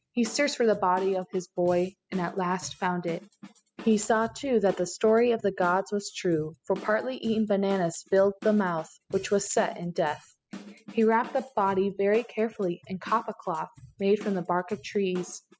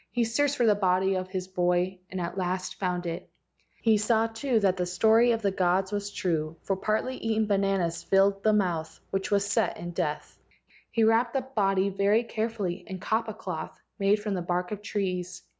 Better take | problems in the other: second | noise reduction (classical method spectral subtraction)

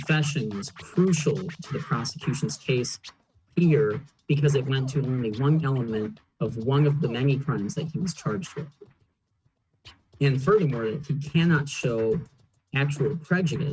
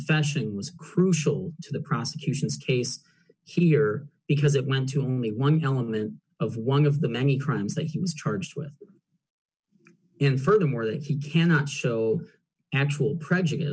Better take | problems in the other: second | noise reduction (neural mask model RNNoise)

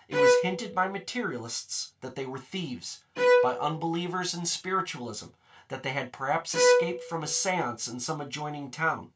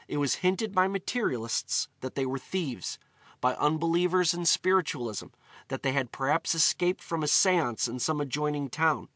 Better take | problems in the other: second | background sound (Bowed string instrument); 3 dB above the speech // room echo; dies away in 0.2 s

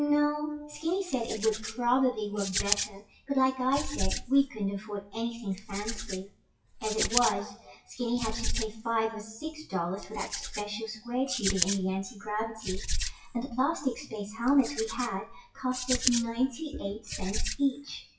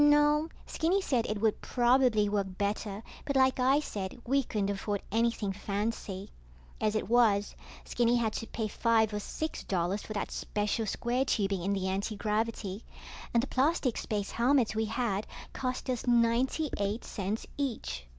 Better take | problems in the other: second | noise reduction (classical method WPE with log-MMSE)

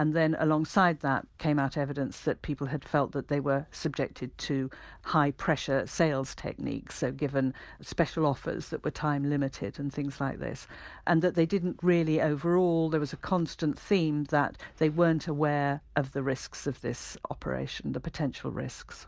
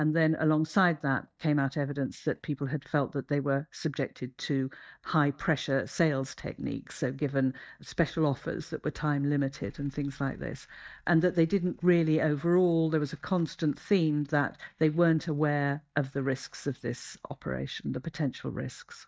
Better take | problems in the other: first | noise reduction (neural mask model DeepFilterNet 3)

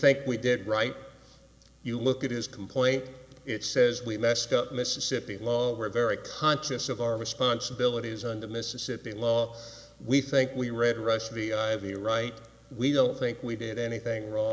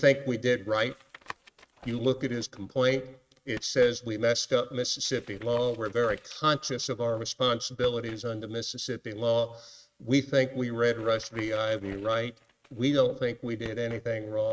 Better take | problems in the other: first | noise reduction (neural mask model RNNoise)

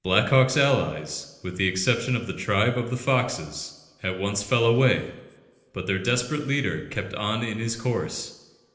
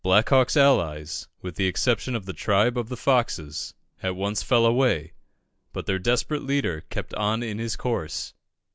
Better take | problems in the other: second | background sound (Fart); 19 dB below the speech // room echo; dies away in 1 s

